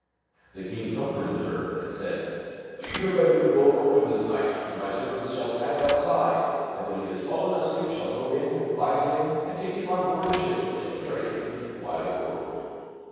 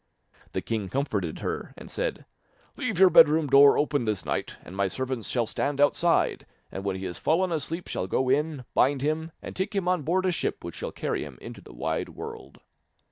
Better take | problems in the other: second | background sound (Thump, thud); 19 dB below the speech // room echo; dies away in 2.2 s

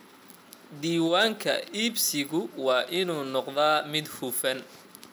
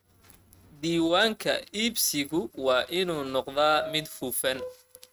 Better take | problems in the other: first | noise reduction (neural mask model RNNoise)

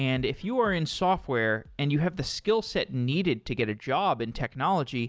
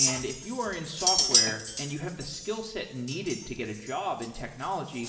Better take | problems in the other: first | background sound (Chink, clink); 2 dB above the speech // room echo; dies away in 1.1 s

